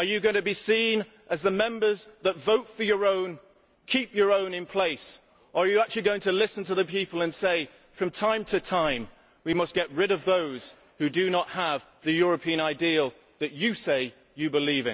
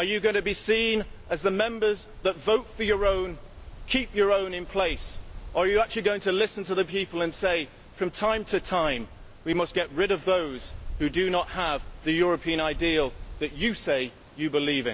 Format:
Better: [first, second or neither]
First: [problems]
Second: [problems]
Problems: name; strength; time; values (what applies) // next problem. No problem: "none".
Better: first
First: none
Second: background sound (Wind); 14 dB below the speech